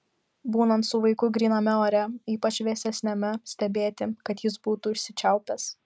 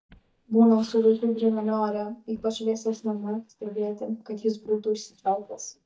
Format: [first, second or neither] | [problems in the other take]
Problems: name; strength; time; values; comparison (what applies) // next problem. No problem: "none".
first | noise reduction (neural mask model DeepFilterNet 3)